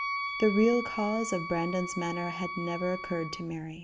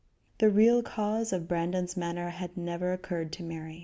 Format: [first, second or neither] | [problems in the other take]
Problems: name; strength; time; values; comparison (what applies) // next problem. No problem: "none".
second | background sound (Wind instrument, woodwind instrument); 7 dB below the speech